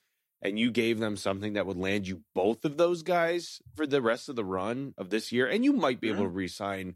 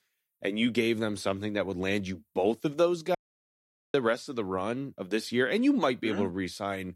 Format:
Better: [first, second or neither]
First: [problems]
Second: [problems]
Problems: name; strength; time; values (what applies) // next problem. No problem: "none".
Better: first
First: none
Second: audio cutting out; at 3 s for 1 s